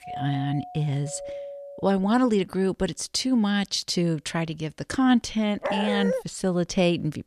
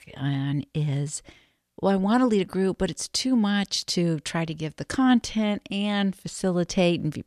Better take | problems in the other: second | doorbell; noticeable; until 2 s; peak 10 dB below the speech // dog barking; noticeable; at 5.5 s; peak 3 dB below the speech

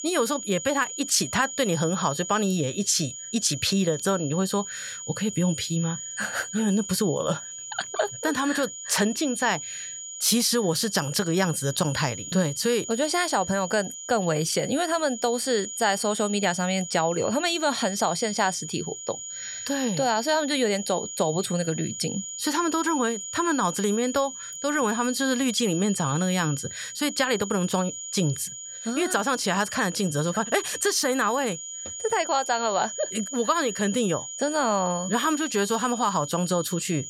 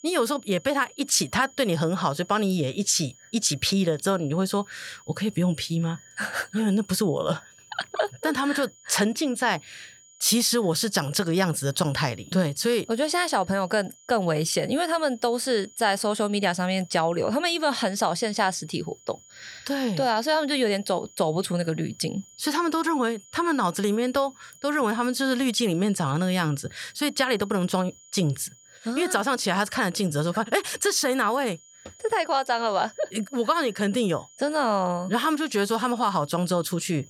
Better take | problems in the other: second | high-pitched whine; loud; throughout; 7 kHz, 8 dB below the speech; faint in the second

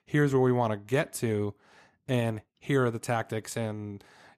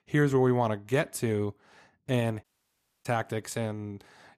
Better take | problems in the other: first | audio cutting out; at 2.5 s for 0.5 s

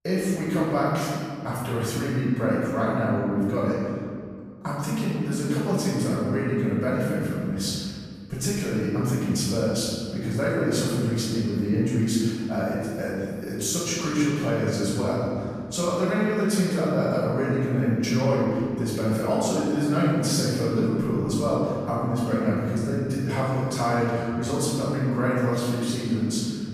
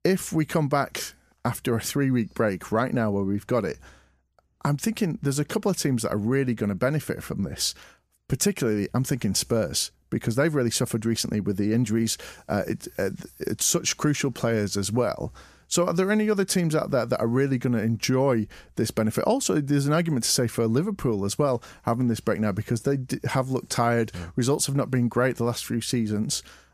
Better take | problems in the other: second | room echo; strong; dies away in 2.1 s // off-mic speech; far

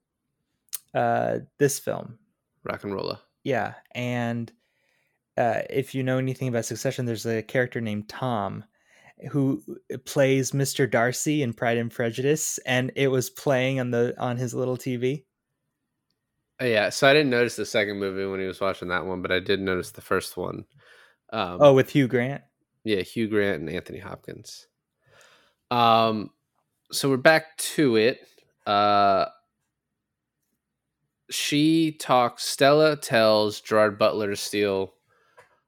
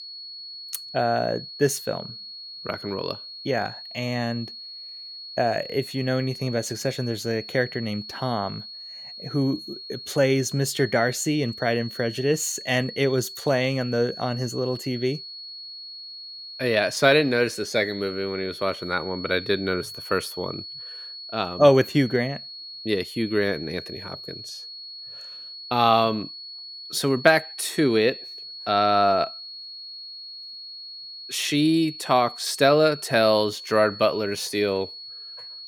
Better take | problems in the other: first | high-pitched whine; noticeable; throughout; 4.5 kHz, 10 dB below the speech

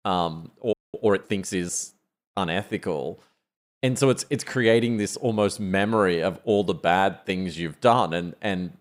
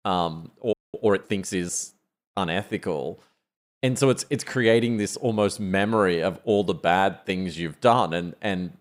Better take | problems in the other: neither | audio freezing; at 0.5 s; the same in both

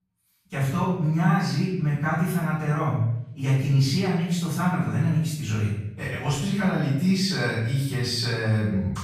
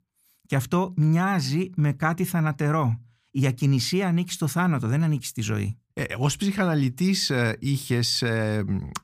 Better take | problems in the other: second | off-mic speech; far // room echo; strong; dies away in 0.7 s

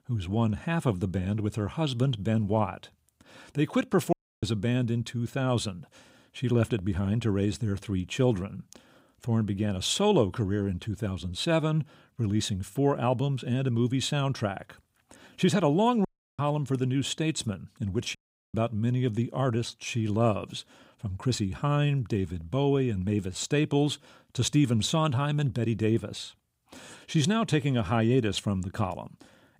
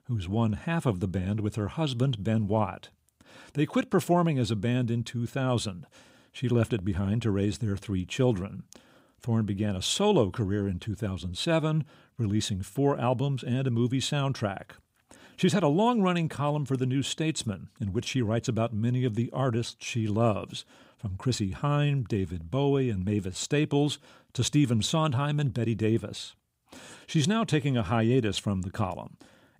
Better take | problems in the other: second | audio cutting out; at 4 s, at 16 s and at 18 s

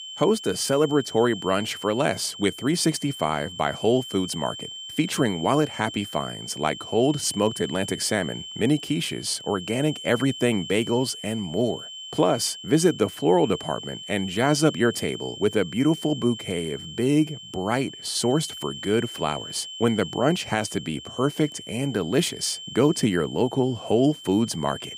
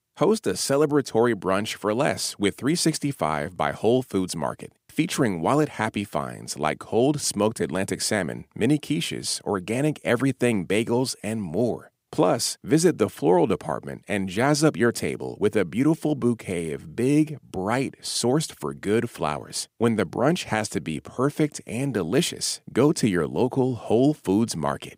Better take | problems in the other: second | high-pitched whine; noticeable; throughout; 3 kHz, 10 dB below the speech

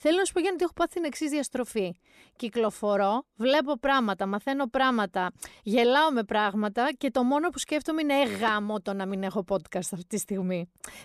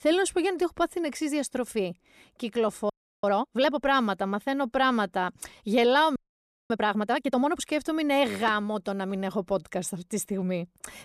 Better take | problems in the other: first | audio freezing; at 3 s and at 6 s for 0.5 s

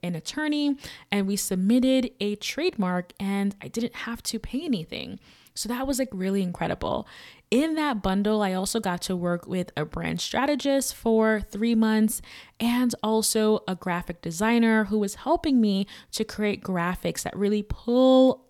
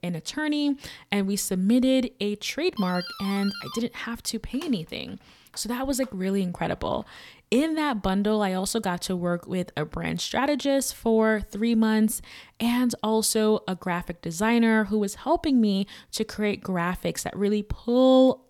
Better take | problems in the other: first | doorbell; faint; from 3 to 7 s; peak 10 dB below the speech

